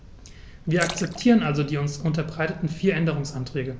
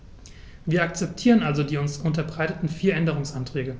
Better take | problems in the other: second | background sound (Splash, splatter); 15 dB below the speech

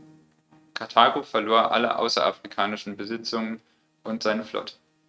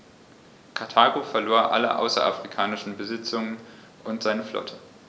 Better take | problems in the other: second | noise reduction (neural mask model RNNoise)

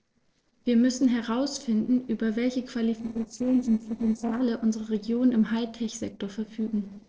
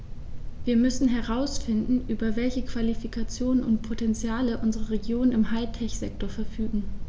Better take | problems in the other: second | noise reduction (neural separator model SepFormer DNS4)

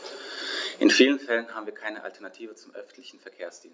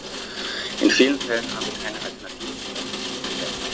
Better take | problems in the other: first | background sound (Rain); 5 dB below the speech

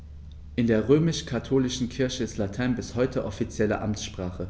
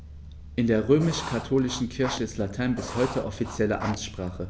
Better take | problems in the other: first | background sound (Writing); 12 dB below the speech

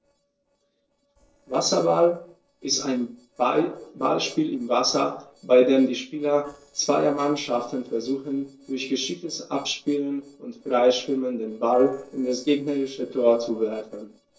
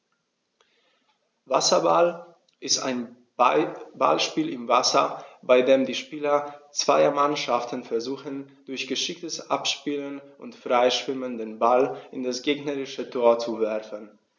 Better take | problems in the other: second | noise reduction (neural separator model SepFormer DNS4)

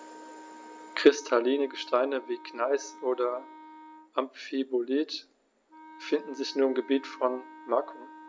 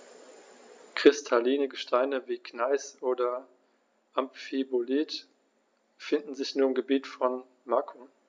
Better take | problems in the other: second | background sound (Wind instrument, woodwind instrument); 19 dB below the speech

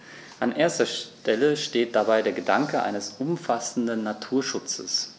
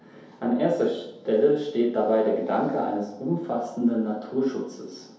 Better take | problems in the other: first | room echo; dies away in 0.8 s

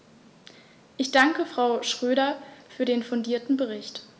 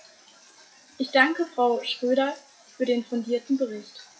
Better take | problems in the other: first | noise reduction (classical method WPE with log-MMSE)

